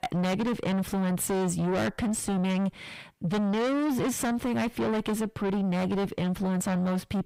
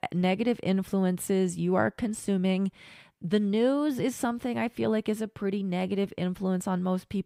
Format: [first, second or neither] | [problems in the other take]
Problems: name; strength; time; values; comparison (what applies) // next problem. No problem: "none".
second | distortion; heavy; 5 dB below the speech